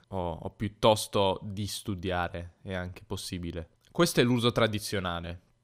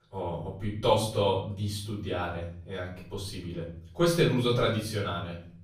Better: first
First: none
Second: off-mic speech; far // room echo; noticeable; dies away in 0.6 s

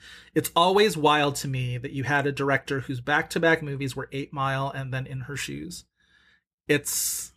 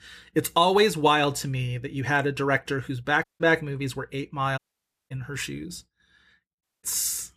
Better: first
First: none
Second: audio cutting out; at 3 s, at 4.5 s for 0.5 s and at 6.5 s

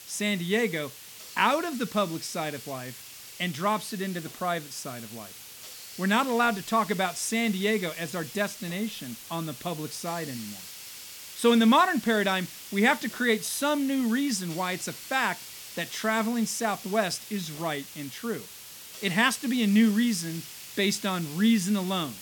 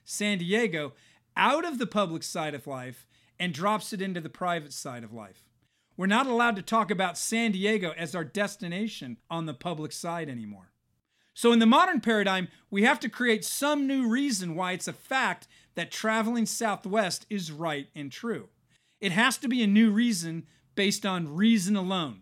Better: second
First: hiss; noticeable; throughout; 15 dB below the speech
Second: none

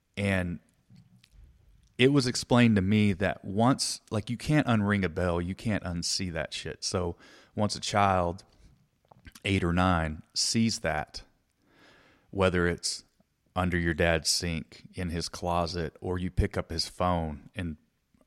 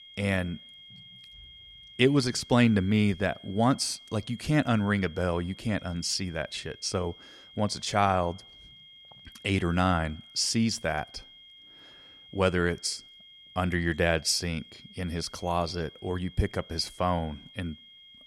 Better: first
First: none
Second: high-pitched whine; faint; throughout; 3.5 kHz, 20 dB below the speech

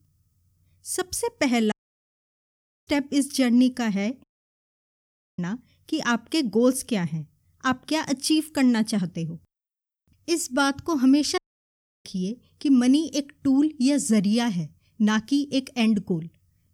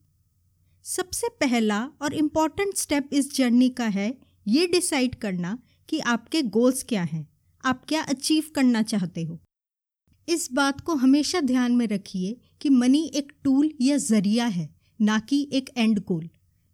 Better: second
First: audio cutting out; at 1.5 s for 1 s, at 4 s for 1 s and at 11 s for 0.5 s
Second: none

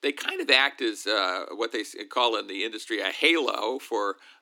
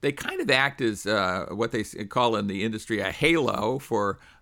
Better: second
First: thin; somewhat; fading below 250 Hz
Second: none

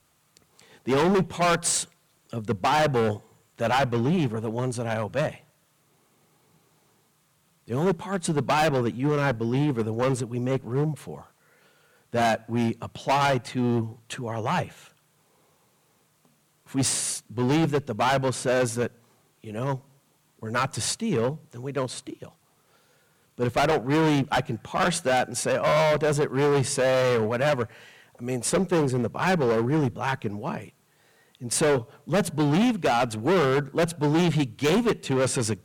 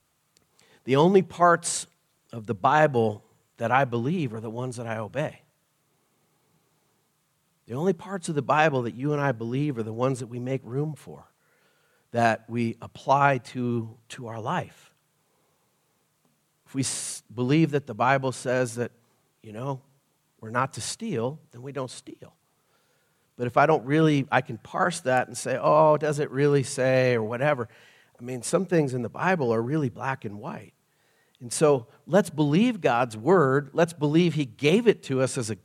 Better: second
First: distortion; heavy; 11% of the sound clipped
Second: none

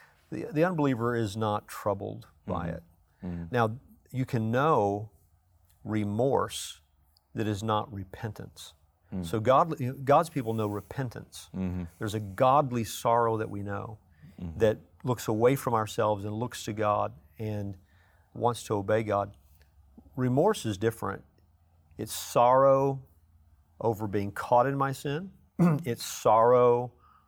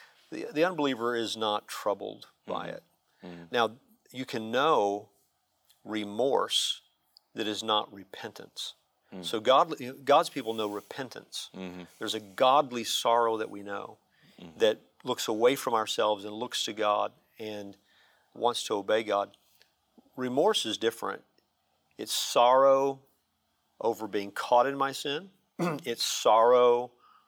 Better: first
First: none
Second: thin; somewhat; fading below 350 Hz

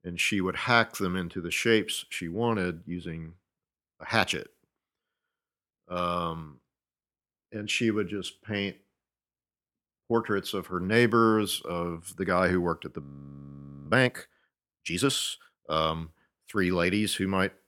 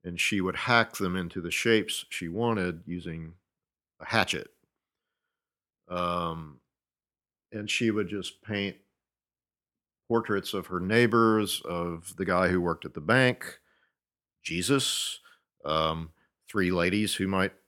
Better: second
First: audio freezing; at 13 s for 1 s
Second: none

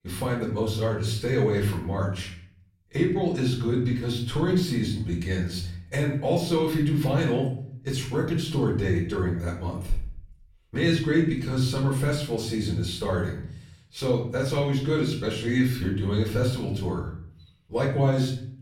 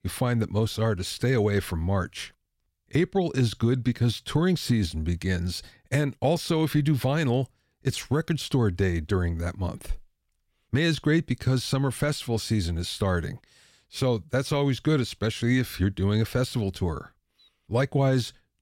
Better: second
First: off-mic speech; far // room echo; slight; dies away in 0.5 s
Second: none

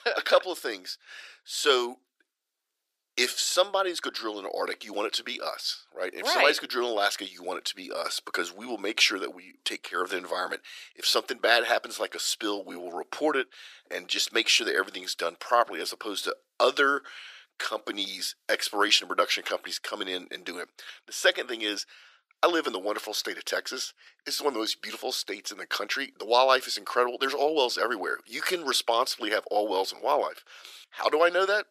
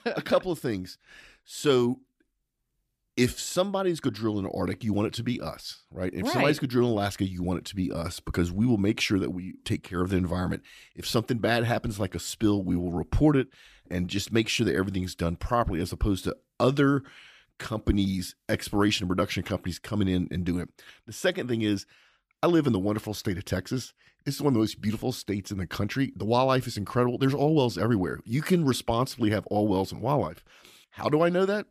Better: second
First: thin; very; fading below 450 Hz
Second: none

